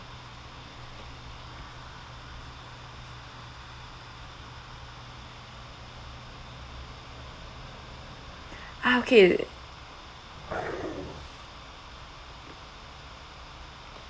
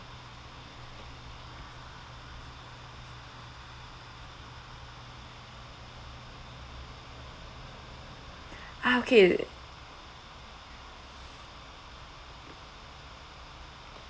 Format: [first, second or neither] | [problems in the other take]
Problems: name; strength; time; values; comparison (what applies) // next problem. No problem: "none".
second | background sound (Growling); 4 dB below the speech